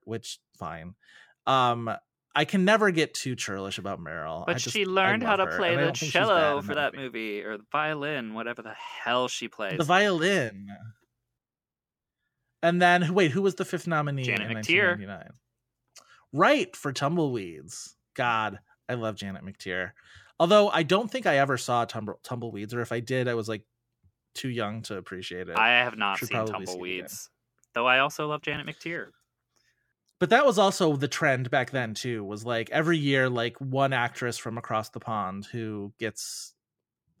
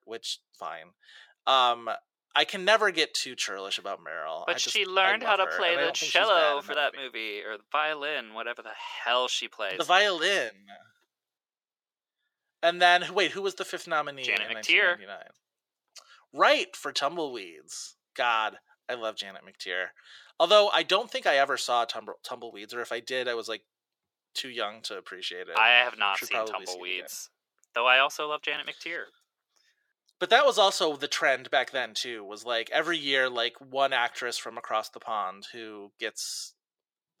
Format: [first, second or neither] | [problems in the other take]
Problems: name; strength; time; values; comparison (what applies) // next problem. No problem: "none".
first | thin; very; fading below 550 Hz